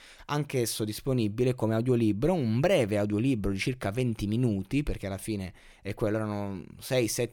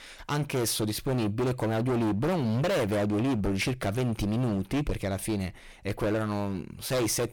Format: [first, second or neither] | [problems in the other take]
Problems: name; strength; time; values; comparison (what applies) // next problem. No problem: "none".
first | distortion; heavy; 24% of the sound clipped